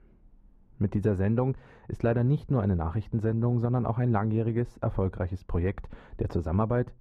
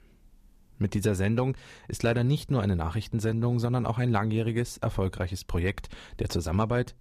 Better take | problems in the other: second | muffled; very; fading above 2.5 kHz

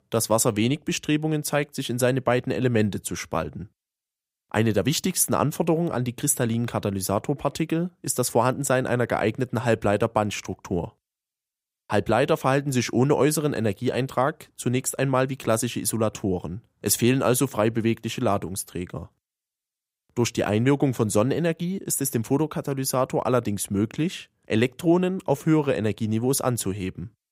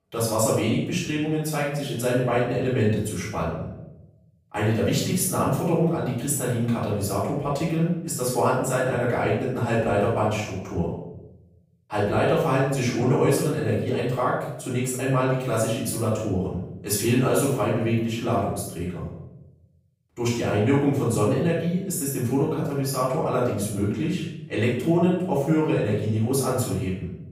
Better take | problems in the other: first | off-mic speech; far // room echo; noticeable; dies away in 0.8 s

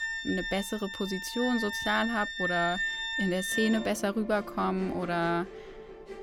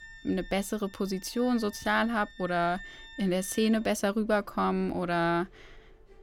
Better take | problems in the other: second | background music; loud; throughout; 3 dB below the speech; faint in the second

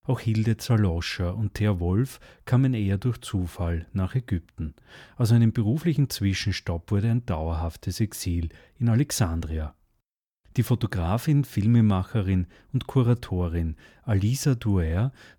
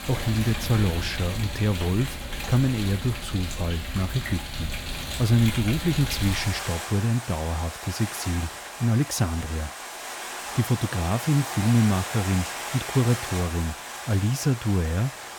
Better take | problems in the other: first | rain or running water; loud; throughout; 7 dB below the speech

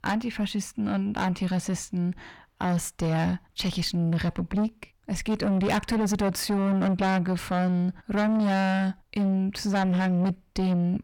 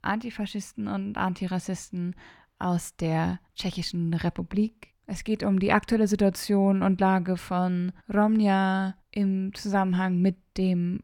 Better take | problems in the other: second | distortion; heavy; 7 dB below the speech

